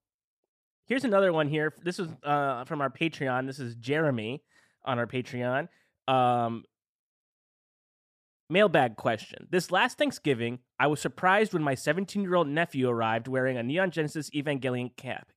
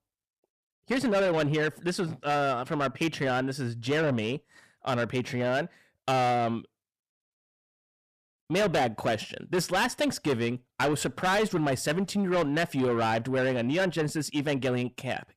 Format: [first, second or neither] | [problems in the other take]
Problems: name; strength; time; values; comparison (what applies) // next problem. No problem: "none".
first | distortion; heavy; 7 dB below the speech